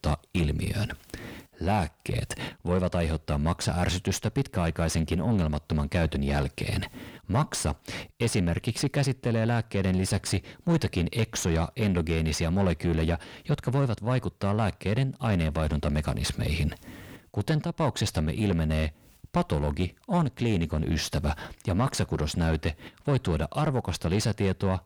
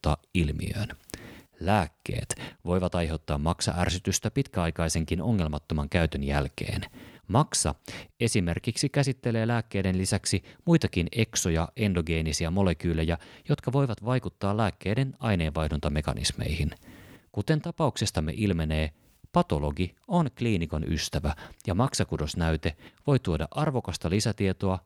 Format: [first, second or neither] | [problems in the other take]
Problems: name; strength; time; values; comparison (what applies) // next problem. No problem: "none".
second | distortion; slight; 10 dB below the speech